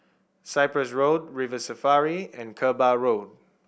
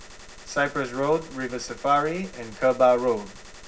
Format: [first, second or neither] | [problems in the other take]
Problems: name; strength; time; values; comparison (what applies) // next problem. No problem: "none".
first | background sound (Gunshot, gunfire); 18 dB below the speech // room echo; dies away in 0.4 s